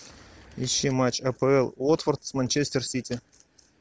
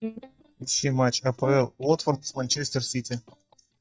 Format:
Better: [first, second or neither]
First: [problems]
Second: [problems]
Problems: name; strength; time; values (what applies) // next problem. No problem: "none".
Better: first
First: none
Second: noise reduction (neural mask model DeepFilterNet 3)